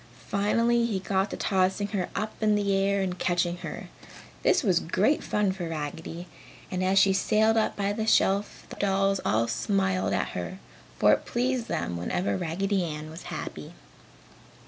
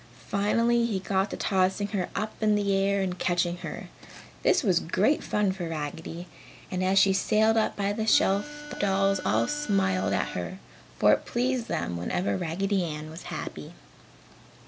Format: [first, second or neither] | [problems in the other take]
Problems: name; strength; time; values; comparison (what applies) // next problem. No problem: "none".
first | background sound (Harmonica); 13 dB below the speech